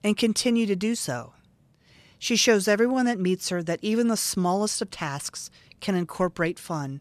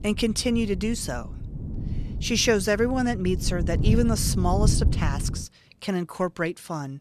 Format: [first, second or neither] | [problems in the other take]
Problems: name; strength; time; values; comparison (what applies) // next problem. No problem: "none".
first | wind noise on the microphone; occasional gusts; until 5.5 s; 15 dB below the speech